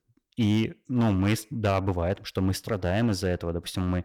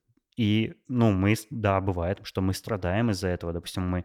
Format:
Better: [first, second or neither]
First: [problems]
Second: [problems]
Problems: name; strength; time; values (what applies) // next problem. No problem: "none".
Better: second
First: distortion; slight; 5% of the sound clipped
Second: none